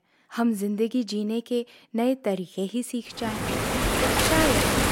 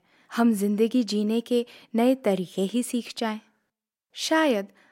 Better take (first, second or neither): second